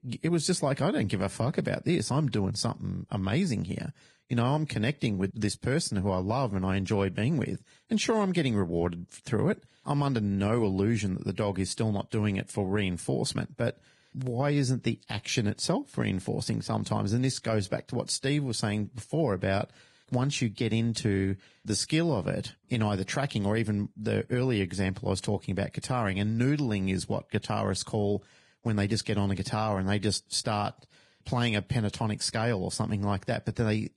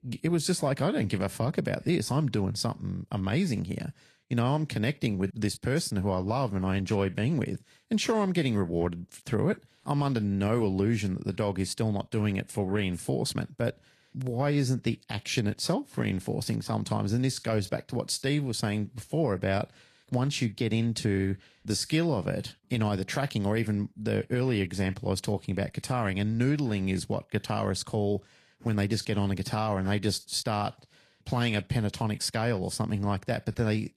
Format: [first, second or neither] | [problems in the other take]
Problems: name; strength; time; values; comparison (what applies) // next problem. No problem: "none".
second | garbled, watery; badly; nothing above 10 kHz; slightly in the second